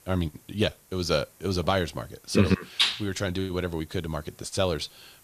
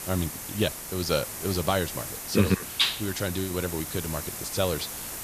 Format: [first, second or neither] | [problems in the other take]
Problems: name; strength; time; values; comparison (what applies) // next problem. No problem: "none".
first | hiss; loud; throughout; 6 dB below the speech; faint in the first